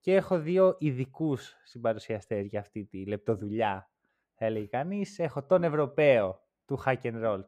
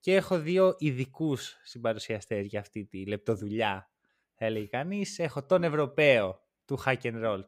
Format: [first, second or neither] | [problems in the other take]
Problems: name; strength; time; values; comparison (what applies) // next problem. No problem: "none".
second | muffled; slightly; fading above 2 kHz